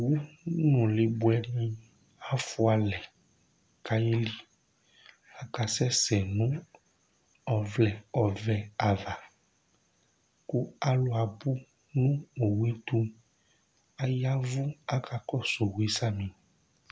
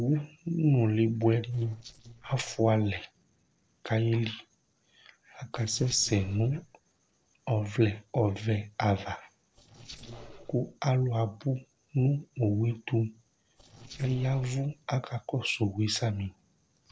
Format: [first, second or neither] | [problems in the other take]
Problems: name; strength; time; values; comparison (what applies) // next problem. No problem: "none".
first | noise reduction (neural separator model SepFormer DNS4)